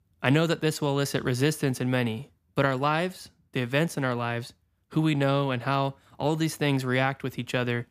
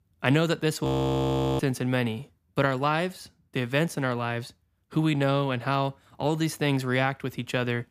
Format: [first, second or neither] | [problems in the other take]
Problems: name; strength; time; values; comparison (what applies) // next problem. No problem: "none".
first | audio freezing; at 1 s for 0.5 s